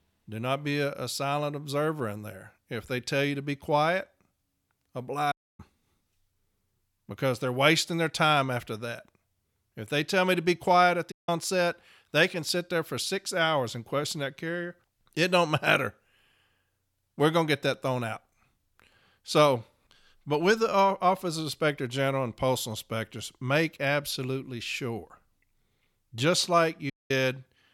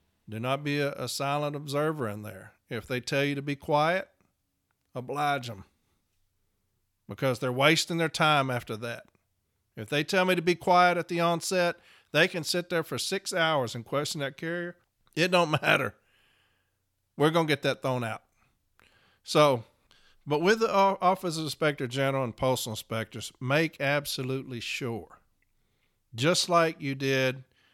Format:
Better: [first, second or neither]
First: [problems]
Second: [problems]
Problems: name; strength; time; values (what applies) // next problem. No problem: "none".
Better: second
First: audio cutting out; at 5.5 s, at 11 s and at 27 s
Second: none